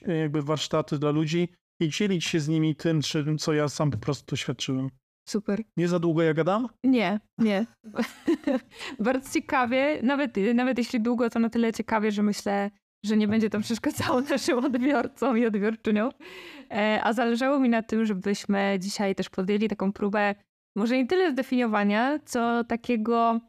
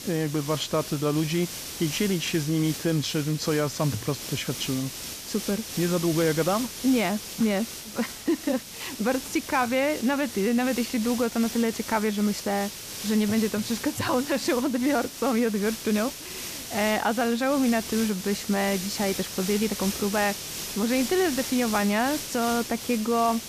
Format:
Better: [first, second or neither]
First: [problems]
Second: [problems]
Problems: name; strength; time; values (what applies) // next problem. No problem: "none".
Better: first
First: none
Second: hiss; loud; throughout; 8 dB below the speech